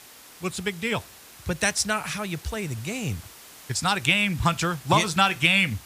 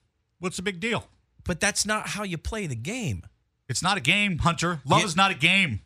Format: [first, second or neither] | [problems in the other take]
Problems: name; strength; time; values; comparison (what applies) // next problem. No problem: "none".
second | hiss; faint; throughout; 20 dB below the speech